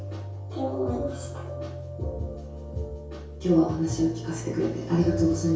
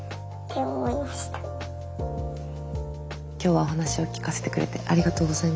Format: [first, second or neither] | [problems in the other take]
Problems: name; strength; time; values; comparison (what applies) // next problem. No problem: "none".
second | room echo; dies away in 0.6 s